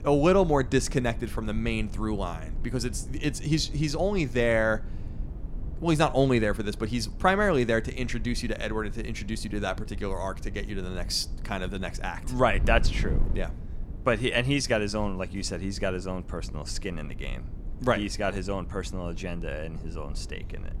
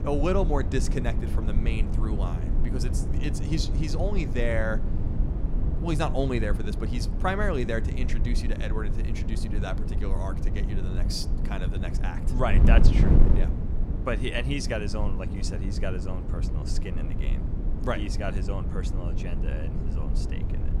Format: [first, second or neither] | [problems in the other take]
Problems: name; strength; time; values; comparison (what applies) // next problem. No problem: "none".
first | wind noise on the microphone; heavy; 7 dB below the speech; occasional gusts in the first